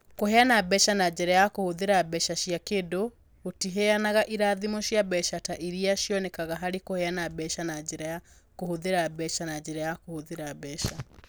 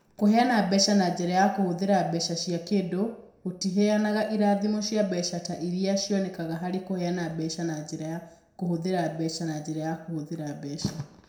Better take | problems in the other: first | room echo; dies away in 0.6 s

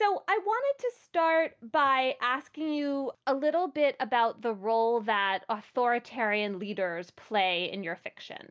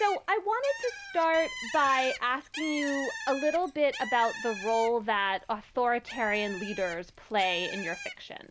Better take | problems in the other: first | background sound (Bird); 11 dB below the speech

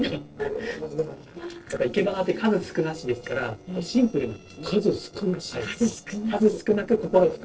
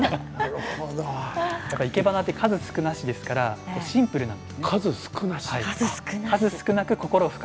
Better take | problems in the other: second | noise reduction (neural separator model SepFormer DNS4)

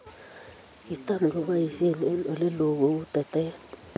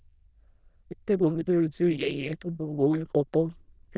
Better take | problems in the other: first | noise reduction (neural diffusion model UNIVERSE++)

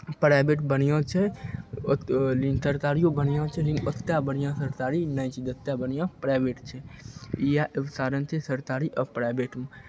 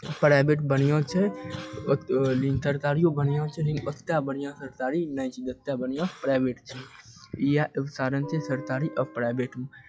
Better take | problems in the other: first | noise reduction (classical method log-MMSE)

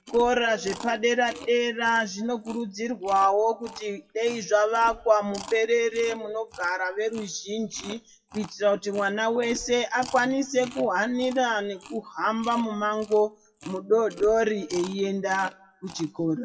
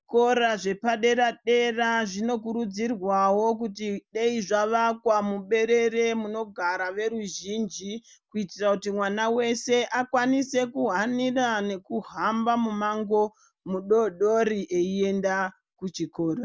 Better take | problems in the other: second | noise reduction (classical method WPE with log-MMSE)

